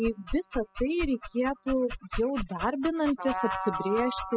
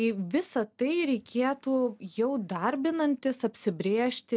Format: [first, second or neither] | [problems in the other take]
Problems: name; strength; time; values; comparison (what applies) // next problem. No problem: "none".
second | noise reduction (classical method spectral subtraction)